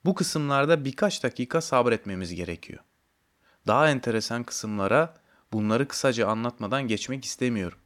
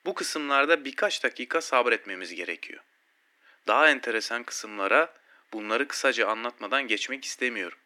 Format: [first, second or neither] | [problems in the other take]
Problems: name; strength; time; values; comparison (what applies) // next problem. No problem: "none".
first | thin; somewhat; fading below 300 Hz